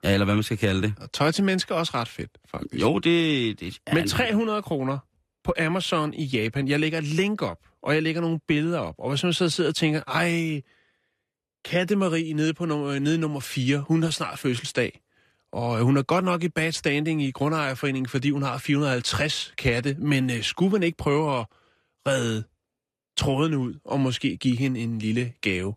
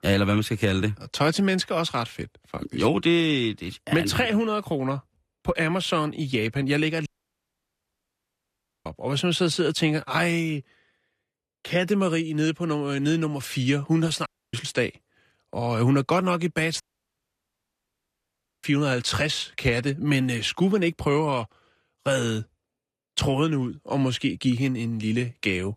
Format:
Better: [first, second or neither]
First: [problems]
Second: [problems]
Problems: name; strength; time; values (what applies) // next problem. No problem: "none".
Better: first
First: none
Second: audio cutting out; at 7 s for 2 s, at 14 s and at 17 s for 2 s